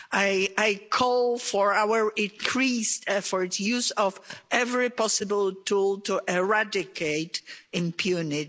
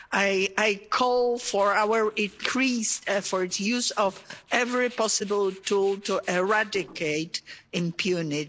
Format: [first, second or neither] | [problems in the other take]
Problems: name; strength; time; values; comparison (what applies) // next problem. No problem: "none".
first | noise reduction (neural separator model SepFormer DNS4)